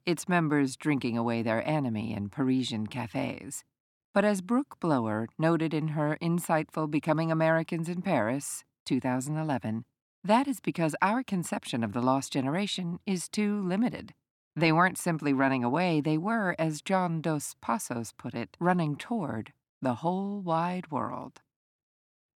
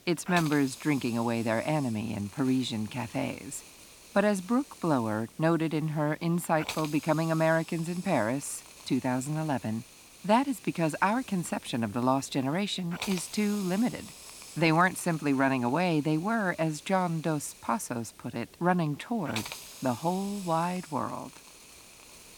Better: first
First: none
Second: hiss; noticeable; throughout; 15 dB below the speech

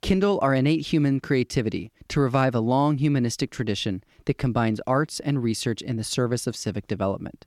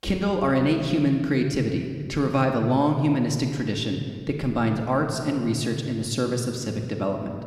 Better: first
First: none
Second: room echo; slight; dies away in 1.8 s

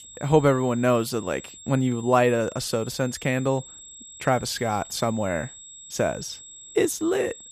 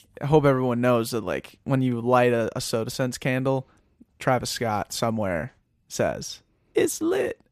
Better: second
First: high-pitched whine; noticeable; throughout; 7.5 kHz, 15 dB below the speech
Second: none

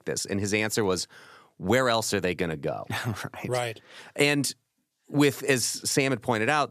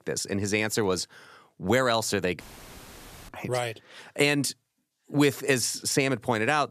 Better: first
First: none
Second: audio cutting out; filled with static; at 2.5 s for 1 s

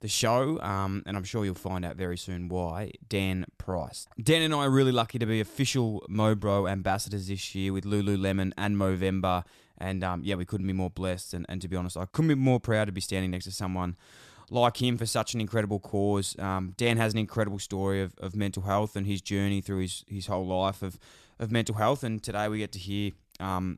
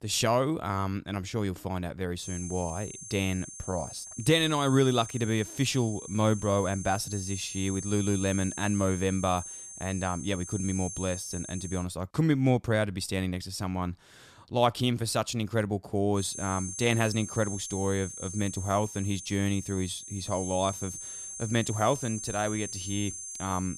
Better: first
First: none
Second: high-pitched whine; loud; from 2 to 12 s and from 16 s on; 6.5 kHz, 9 dB below the speech

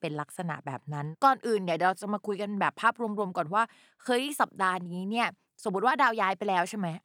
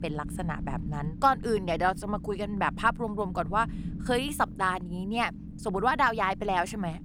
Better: first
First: none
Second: low rumble; faint; throughout; 20 dB below the speech

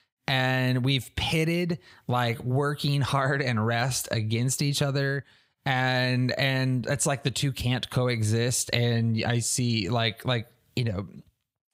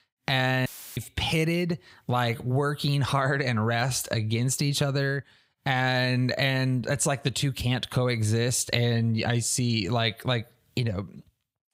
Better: first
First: none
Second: audio cutting out; filled with static; at 0.5 s

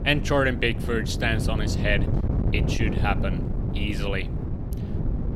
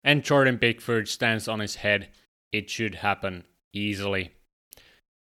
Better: second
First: wind noise on the microphone; heavy; 10 dB below the speech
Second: none

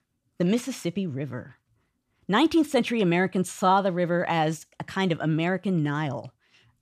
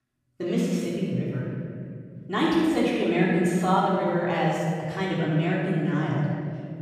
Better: first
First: none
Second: off-mic speech; far // room echo; strong; dies away in 2.4 s

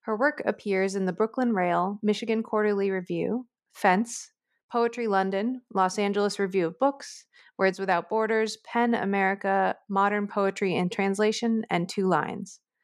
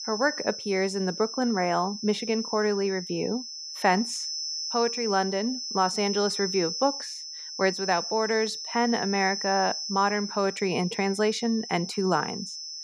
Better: first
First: none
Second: high-pitched whine; loud; throughout; 5.5 kHz, 6 dB below the speech

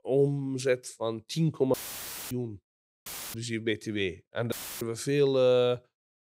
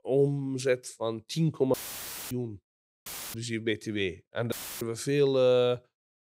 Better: neither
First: audio cutting out; filled with static; at 1.5 s for 0.5 s, at 3 s and at 4.5 s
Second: audio cutting out; filled with static; at 1.5 s for 0.5 s, at 3 s and at 4.5 s

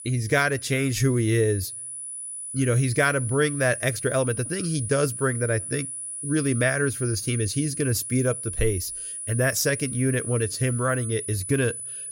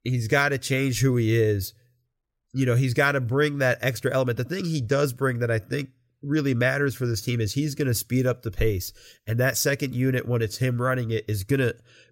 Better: second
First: high-pitched whine; loud; throughout; 10 kHz, 7 dB below the speech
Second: none

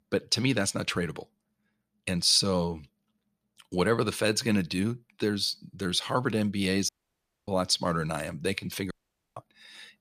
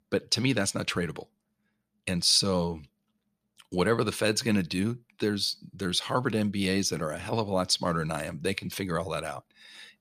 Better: second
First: audio cutting out; at 7 s for 0.5 s and at 9 s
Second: none

